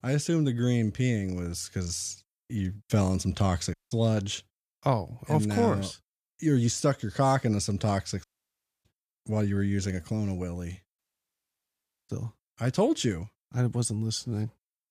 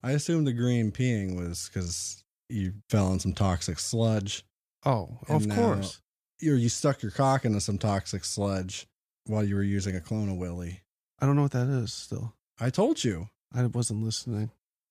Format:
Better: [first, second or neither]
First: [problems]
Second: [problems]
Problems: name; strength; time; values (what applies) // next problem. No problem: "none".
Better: second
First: audio cutting out; at 3.5 s, at 8 s for 0.5 s and at 11 s for 1 s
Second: none